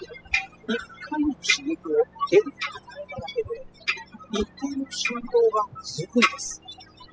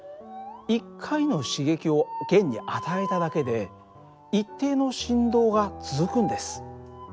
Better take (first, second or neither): second